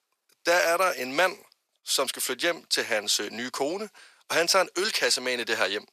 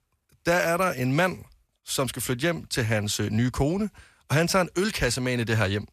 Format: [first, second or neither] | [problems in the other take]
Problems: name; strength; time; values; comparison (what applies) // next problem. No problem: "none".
second | thin; very; fading below 400 Hz